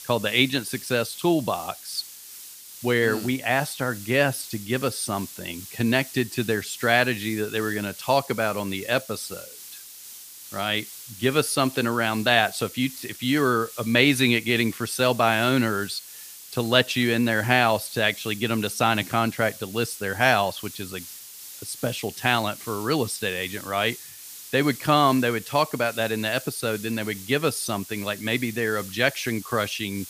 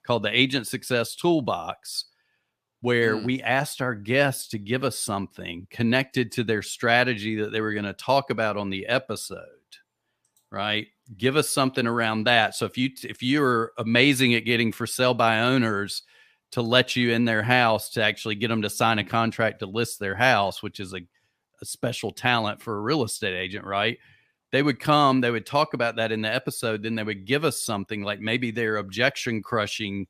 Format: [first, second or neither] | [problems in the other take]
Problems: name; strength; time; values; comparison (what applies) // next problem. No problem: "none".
second | hiss; noticeable; throughout; 15 dB below the speech